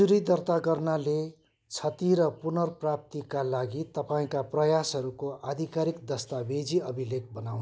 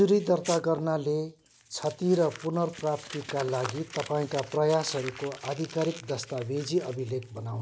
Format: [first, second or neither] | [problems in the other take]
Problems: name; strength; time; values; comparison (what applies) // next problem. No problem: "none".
first | background sound (Crumpling, crinkling); 16 dB below the speech